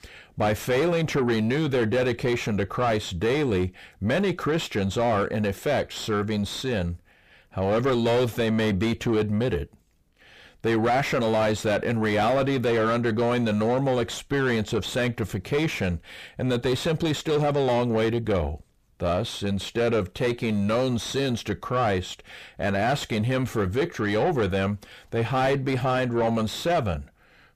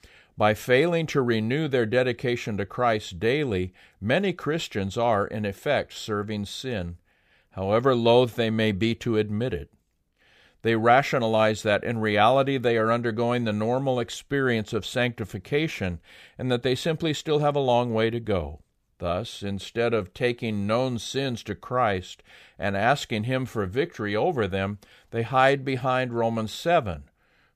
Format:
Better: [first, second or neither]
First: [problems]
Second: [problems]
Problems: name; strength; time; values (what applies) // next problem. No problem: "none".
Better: second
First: distortion; heavy; 6 dB below the speech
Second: none